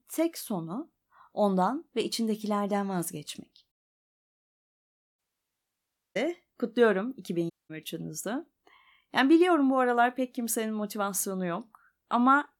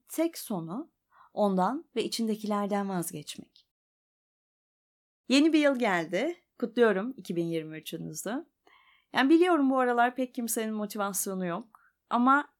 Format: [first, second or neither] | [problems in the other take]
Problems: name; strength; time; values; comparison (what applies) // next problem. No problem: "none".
second | audio cutting out; at 5 s for 1 s and at 7.5 s